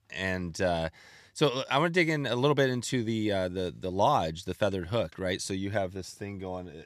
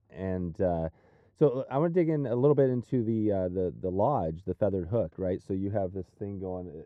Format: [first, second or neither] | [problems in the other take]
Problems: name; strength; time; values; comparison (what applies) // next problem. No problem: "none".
first | muffled; very; fading above 1.5 kHz